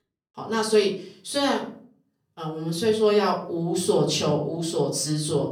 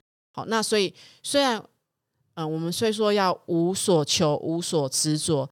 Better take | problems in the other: second | off-mic speech; far // room echo; slight; dies away in 0.4 s

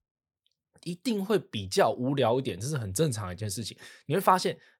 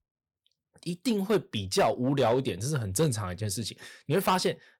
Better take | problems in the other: first | distortion; slight; 3% of the sound clipped

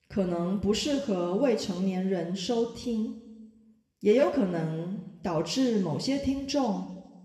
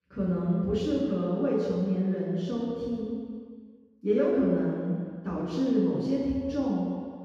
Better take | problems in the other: first | room echo; strong; dies away in 1.8 s; slight in the first // off-mic speech; far; somewhat distant in the first

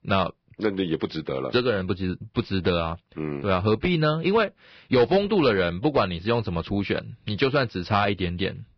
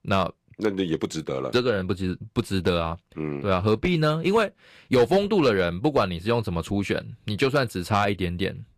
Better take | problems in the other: second | garbled, watery; badly; slightly in the second

